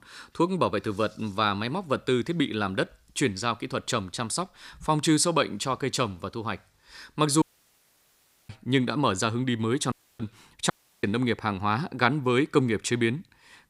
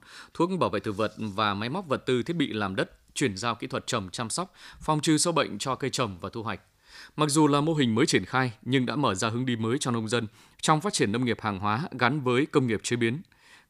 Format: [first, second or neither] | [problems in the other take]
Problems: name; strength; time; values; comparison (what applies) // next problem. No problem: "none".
second | audio cutting out; at 7.5 s for 1 s, at 10 s and at 11 s